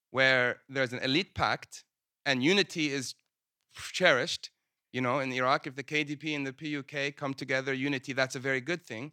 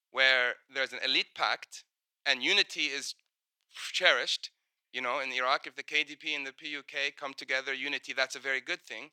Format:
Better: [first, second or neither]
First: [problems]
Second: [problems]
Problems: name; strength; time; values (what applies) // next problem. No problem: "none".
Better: first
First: none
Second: thin; somewhat; fading below 550 Hz